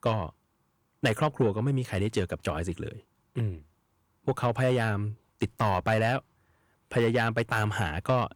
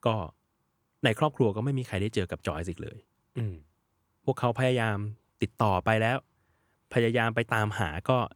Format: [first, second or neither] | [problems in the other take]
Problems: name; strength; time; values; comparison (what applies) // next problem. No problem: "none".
second | distortion; slight; 10 dB below the speech